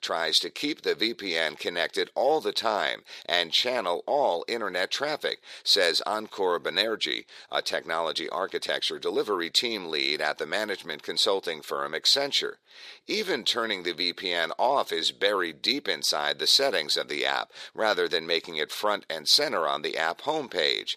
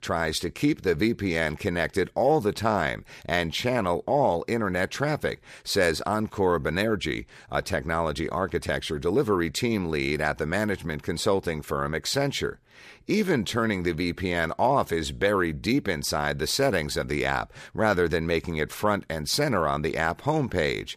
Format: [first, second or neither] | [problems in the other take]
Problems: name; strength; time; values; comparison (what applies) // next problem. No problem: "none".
second | thin; somewhat; fading below 450 Hz